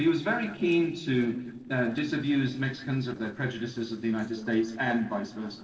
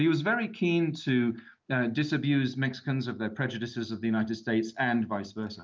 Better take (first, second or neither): second